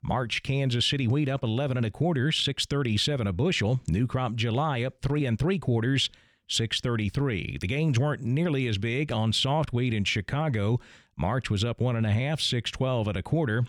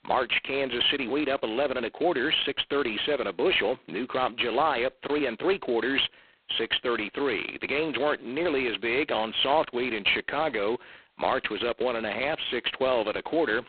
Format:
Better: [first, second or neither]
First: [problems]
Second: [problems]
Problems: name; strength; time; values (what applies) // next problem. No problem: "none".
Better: first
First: none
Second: phone-call audio; poor line